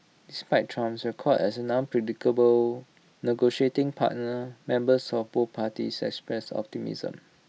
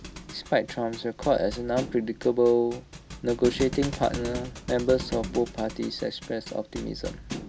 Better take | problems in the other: first | background sound (Thump, thud); 11 dB below the speech

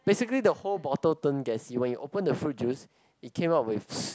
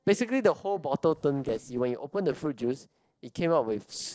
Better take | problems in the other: first | noise reduction (neural separator model SepFormer DNS4)

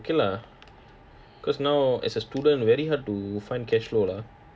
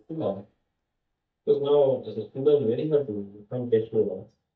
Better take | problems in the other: first | noise reduction (neural mask model DeepFilterNet 3)

